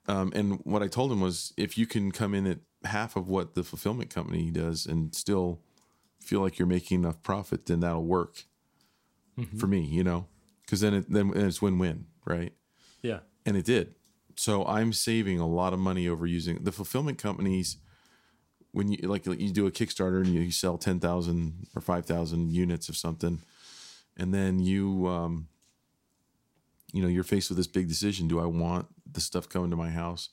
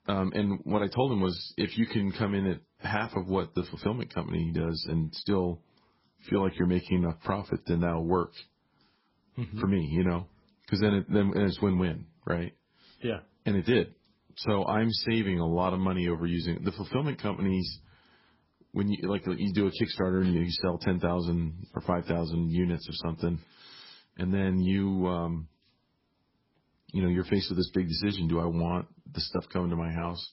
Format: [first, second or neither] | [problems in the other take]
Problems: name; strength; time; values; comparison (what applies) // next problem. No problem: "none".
first | garbled, watery; badly; nothing above 5.5 kHz